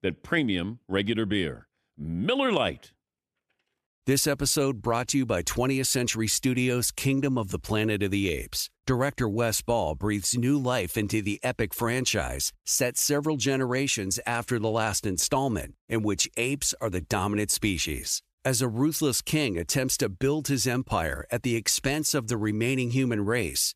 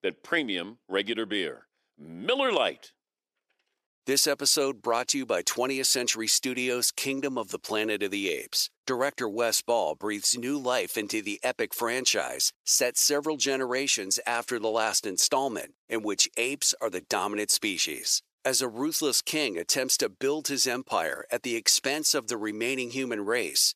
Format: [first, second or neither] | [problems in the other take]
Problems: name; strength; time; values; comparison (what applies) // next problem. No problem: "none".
first | thin; somewhat; fading below 450 Hz